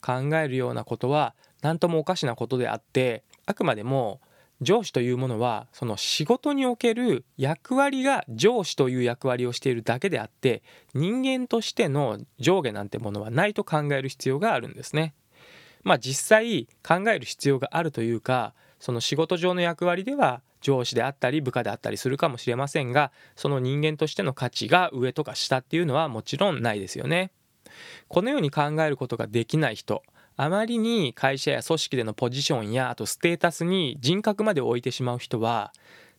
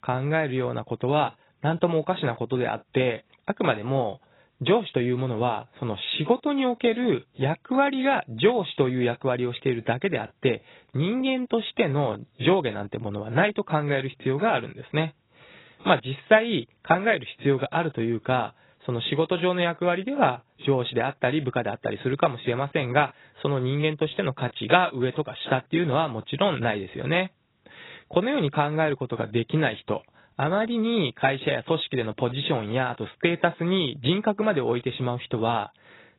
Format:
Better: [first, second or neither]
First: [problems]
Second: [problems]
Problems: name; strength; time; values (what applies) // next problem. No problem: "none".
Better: first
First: none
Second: garbled, watery; badly; nothing above 4 kHz